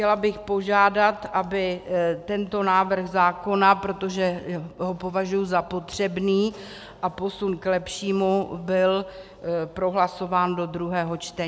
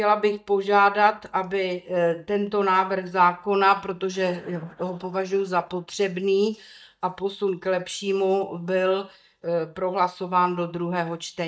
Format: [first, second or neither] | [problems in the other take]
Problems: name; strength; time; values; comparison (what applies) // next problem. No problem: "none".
first | noise reduction (neural mask model DeepFilterNet 3)